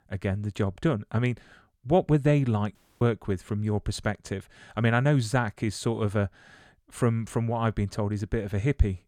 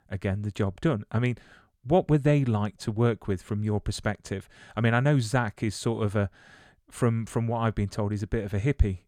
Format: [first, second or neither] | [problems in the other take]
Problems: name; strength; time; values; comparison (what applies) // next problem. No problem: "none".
second | audio cutting out; at 3 s